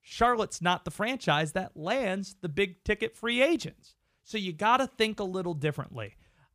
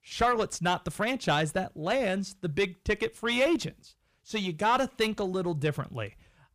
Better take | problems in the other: first | distortion; slight; 10 dB below the speech

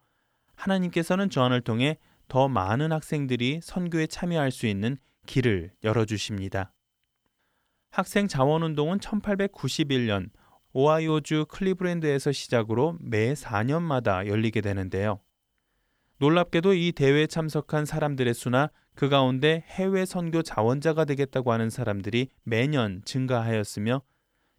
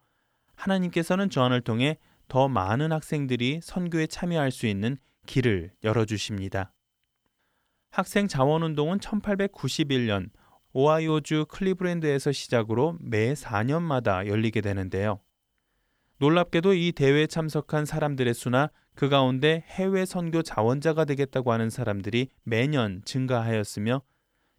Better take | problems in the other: neither | none

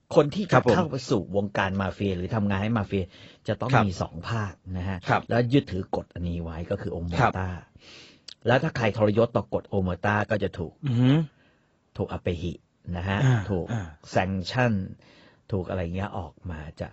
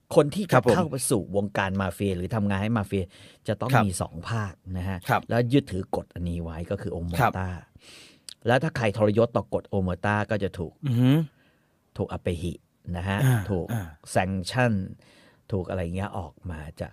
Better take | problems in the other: second | garbled, watery; badly; nothing above 7.5 kHz

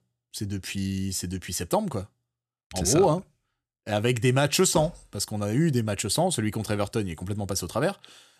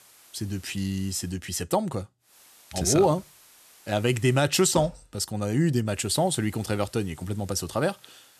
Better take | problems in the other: first | hiss; faint; until 1.5 s, from 2.5 to 4.5 s and from 6 s on; 25 dB below the speech

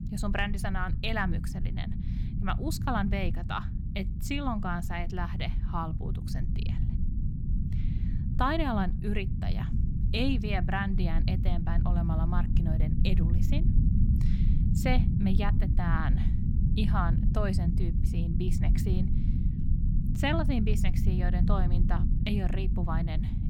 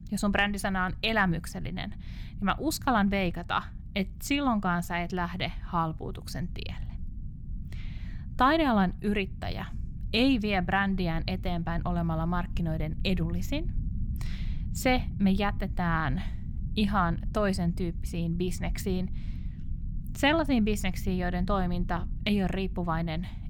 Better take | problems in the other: second | low rumble; loud; throughout; 8 dB below the speech; faint in the second

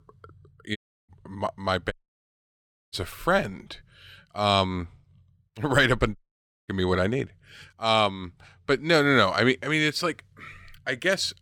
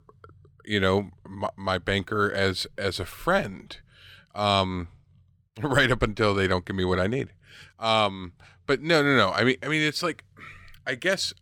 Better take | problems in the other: second | audio cutting out; at 1 s, at 2 s for 1 s and at 6 s for 0.5 s

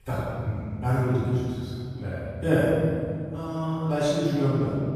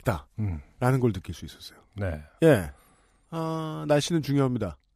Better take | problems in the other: second | room echo; strong; dies away in 2.4 s // off-mic speech; far

